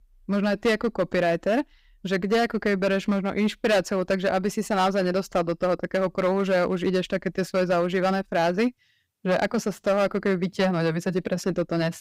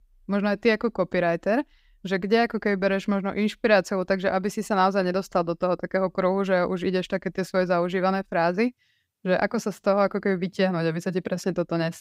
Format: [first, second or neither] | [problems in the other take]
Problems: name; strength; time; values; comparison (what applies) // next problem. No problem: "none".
second | distortion; slight; 7% of the sound clipped